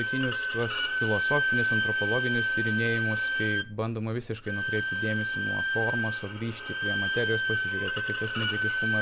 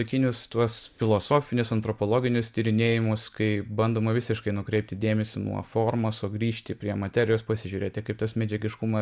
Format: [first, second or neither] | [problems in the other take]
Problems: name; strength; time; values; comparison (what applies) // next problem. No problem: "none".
second | background sound (Bowed string instrument); 3 dB above the speech